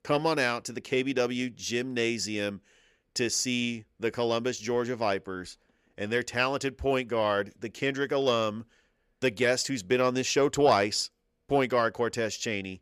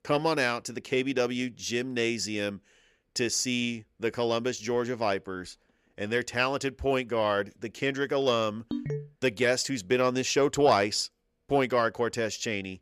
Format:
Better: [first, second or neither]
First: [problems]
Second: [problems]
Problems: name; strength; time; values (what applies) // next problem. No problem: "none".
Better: first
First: none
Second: phone ringing; noticeable; at 8.5 s; peak 6 dB below the speech